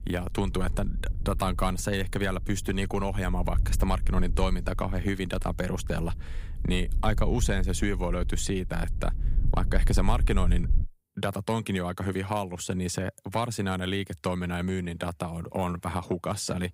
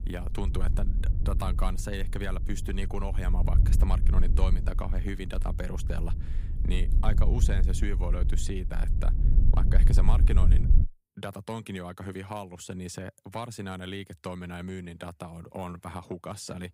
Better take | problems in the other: first | wind noise on the microphone; heavy; until 11 s; 7 dB below the speech; occasional gusts in the first

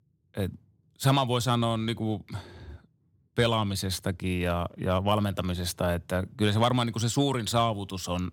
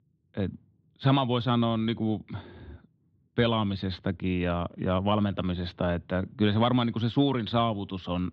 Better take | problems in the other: first | muffled; slightly; fading above 3.5 kHz

